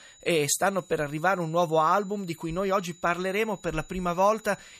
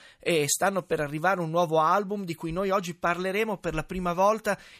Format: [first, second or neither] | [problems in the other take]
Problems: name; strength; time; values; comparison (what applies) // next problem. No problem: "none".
second | high-pitched whine; faint; throughout; 7 kHz, 25 dB below the speech